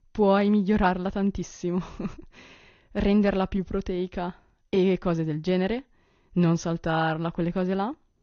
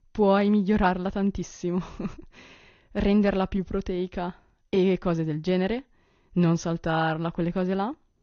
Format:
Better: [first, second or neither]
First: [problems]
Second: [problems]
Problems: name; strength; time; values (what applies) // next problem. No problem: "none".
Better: neither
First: garbled, watery; slightly; nothing above 6.5 kHz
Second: garbled, watery; slightly; nothing above 6.5 kHz